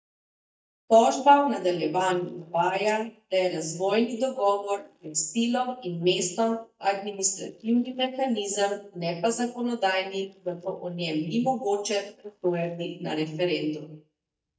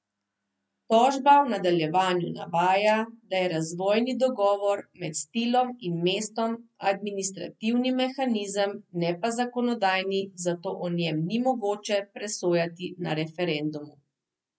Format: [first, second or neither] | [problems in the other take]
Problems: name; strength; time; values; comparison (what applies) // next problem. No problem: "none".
second | noise reduction (neural mask model DeepFilterNet 3)